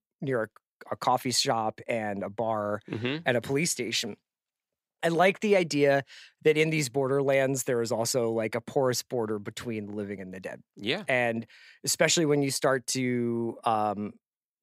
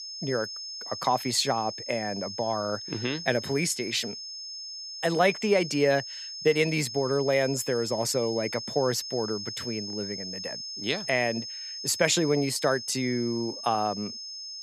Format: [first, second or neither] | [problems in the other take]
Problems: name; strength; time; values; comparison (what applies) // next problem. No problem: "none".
first | high-pitched whine; loud; throughout; 5 kHz, 8 dB below the speech